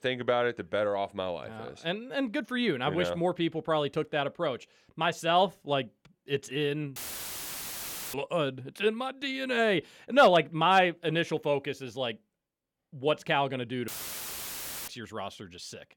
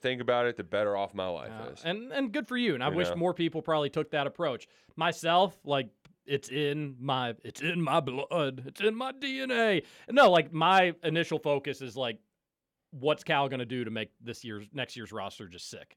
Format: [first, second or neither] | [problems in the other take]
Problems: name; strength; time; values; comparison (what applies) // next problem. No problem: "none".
second | audio cutting out; filled with static; at 7 s for 1 s and at 14 s for 1 s